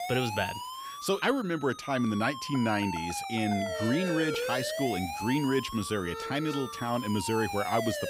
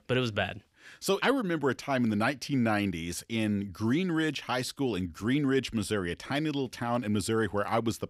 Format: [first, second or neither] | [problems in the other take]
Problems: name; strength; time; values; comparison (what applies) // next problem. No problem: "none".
second | siren; noticeable; peak 1 dB below the speech